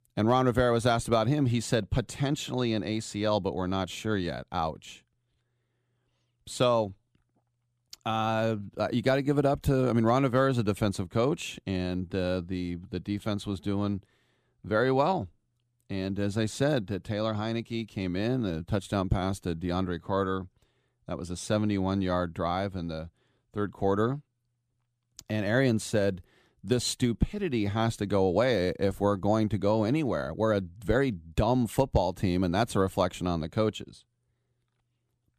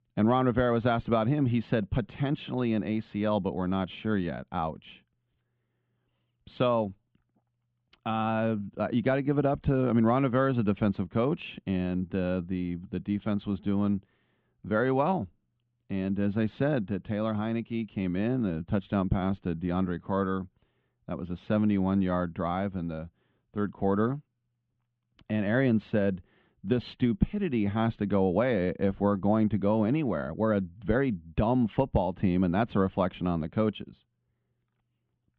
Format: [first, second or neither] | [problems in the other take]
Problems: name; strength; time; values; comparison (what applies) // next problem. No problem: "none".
first | muffled; very; fading above 3 kHz